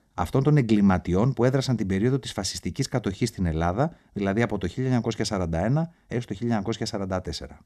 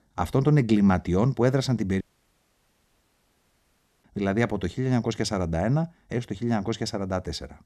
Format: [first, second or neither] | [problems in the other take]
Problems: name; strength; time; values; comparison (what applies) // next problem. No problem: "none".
first | audio cutting out; at 2 s for 2 s